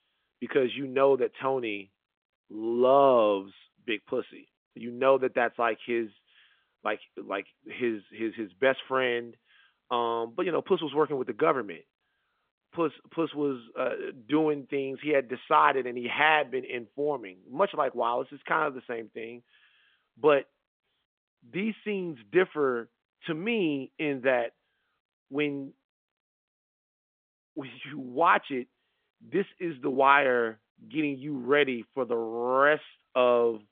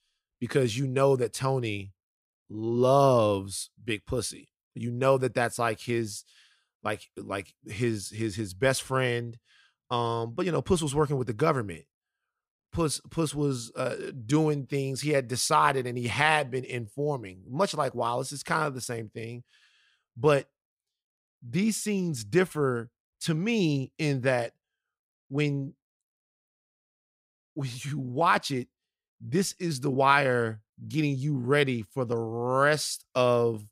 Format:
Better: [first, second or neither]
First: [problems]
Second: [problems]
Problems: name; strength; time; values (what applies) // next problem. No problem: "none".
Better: second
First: phone-call audio; nothing above 3.5 kHz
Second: none